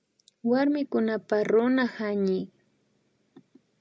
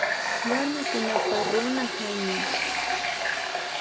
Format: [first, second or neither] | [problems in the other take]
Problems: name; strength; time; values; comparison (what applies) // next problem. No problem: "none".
first | background sound (Water tap, faucet); 4 dB above the speech